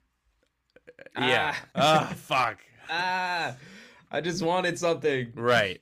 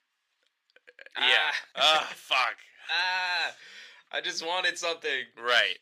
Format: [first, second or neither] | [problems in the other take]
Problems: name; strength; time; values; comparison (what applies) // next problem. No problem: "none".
first | thin; very; fading below 550 Hz